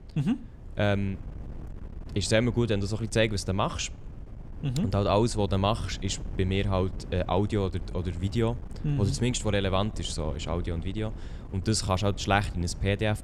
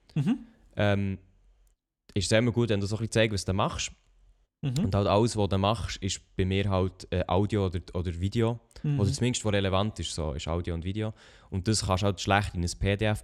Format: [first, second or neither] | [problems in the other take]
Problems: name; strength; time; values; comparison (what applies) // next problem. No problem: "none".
second | wind noise on the microphone; occasional gusts; 20 dB below the speech